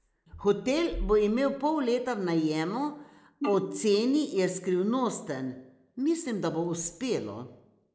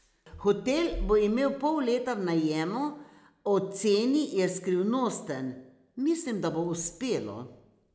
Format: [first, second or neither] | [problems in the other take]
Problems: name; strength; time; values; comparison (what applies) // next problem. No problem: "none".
second | noise reduction (neural mask model Resemble Enhance denoiser)